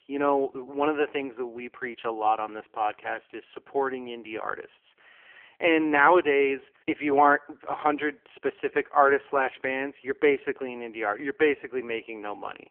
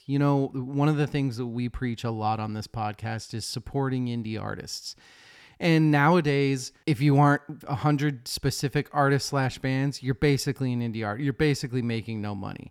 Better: second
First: phone-call audio; poor line; nothing above 3 kHz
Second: none

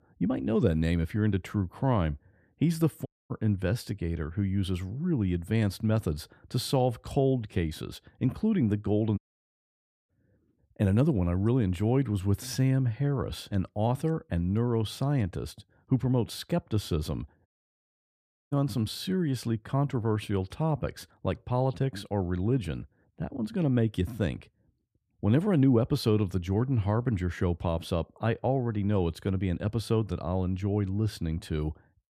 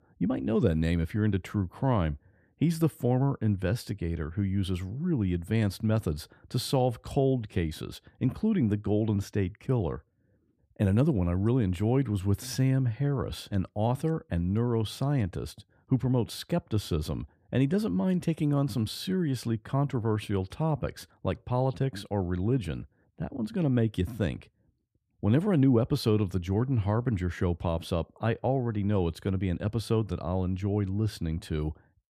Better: second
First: audio cutting out; at 3 s, at 9 s for 1 s and at 17 s for 1 s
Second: none

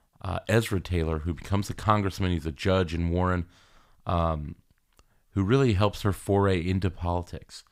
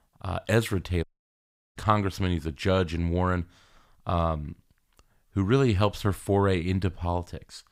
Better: first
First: none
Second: audio cutting out; at 1 s for 0.5 s

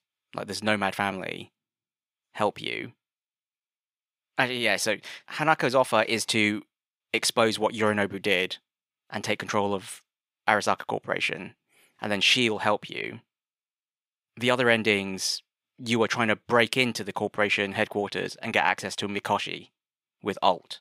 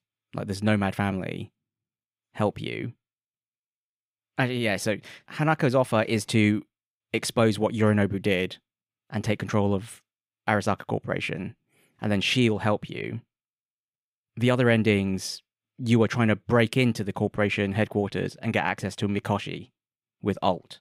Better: second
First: thin; somewhat; fading below 1 kHz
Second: none

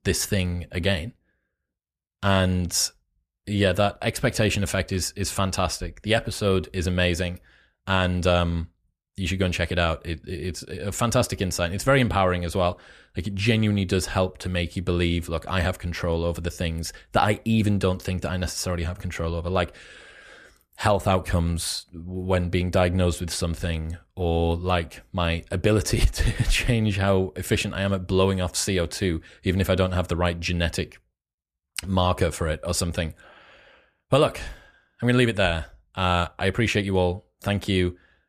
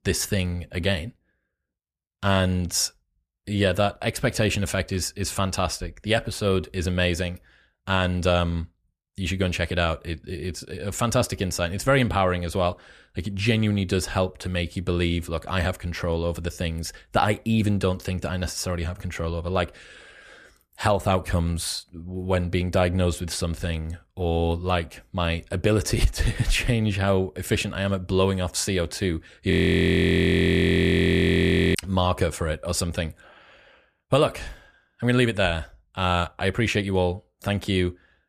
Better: first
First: none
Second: audio freezing; at 30 s for 2 s

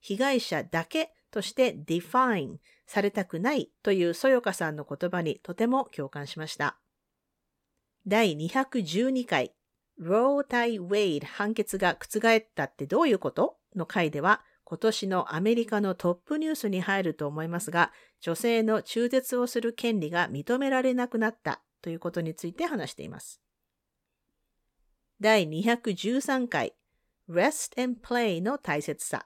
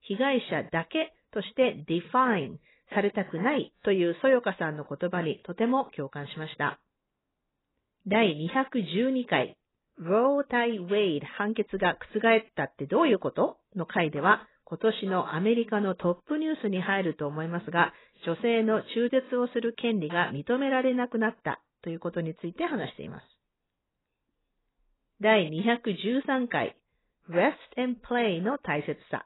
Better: first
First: none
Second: garbled, watery; badly; nothing above 4 kHz

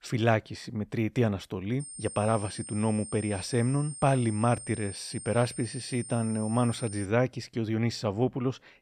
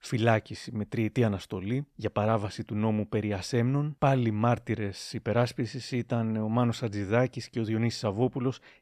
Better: second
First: high-pitched whine; noticeable; from 2 to 7 s; 8.5 kHz, 10 dB below the speech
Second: none

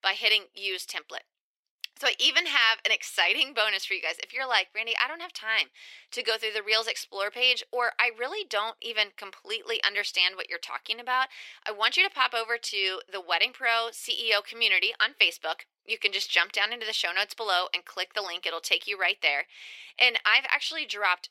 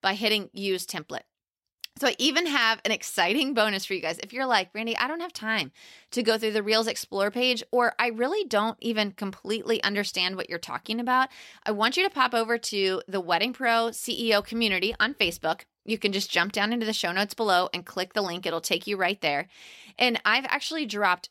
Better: second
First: thin; very; fading below 400 Hz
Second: none

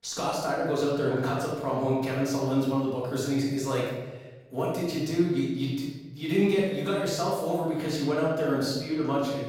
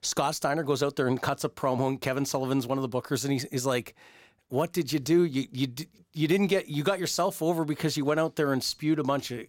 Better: second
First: off-mic speech; far // room echo; noticeable; dies away in 1.2 s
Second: none

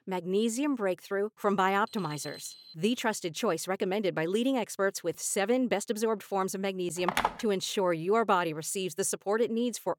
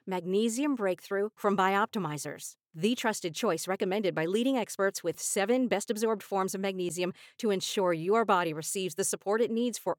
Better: second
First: alarm; faint; at 2 s; peak 15 dB below the speech // phone ringing; noticeable; at 7 s; peak level with the speech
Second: none

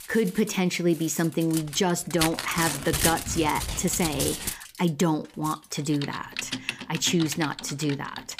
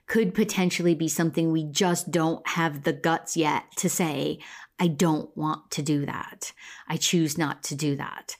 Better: second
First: household noises; loud; throughout; 5 dB below the speech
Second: none

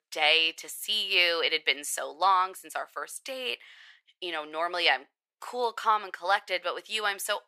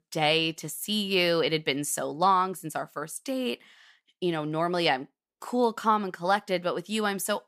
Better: second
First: thin; very; fading below 500 Hz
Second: none

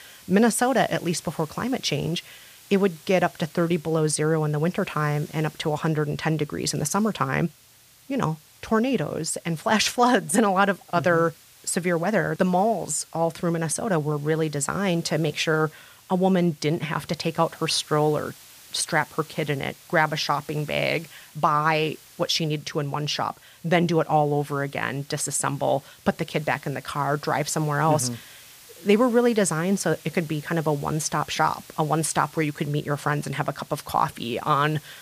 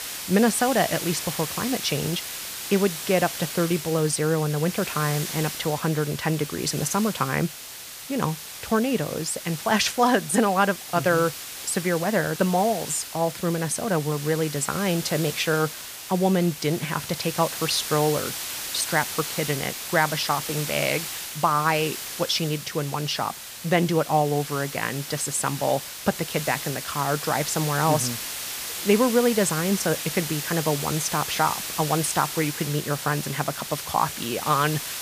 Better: first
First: hiss; faint; throughout; 25 dB below the speech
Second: hiss; loud; throughout; 7 dB below the speech

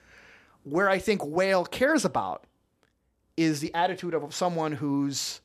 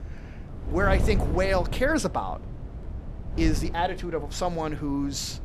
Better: first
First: none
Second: wind noise on the microphone; occasional gusts; 15 dB below the speech

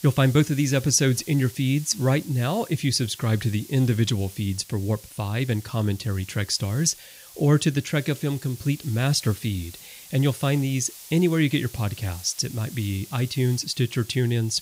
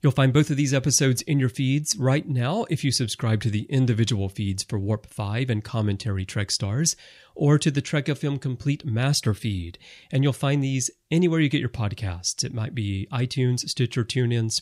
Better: second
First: hiss; noticeable; throughout; 20 dB below the speech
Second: none

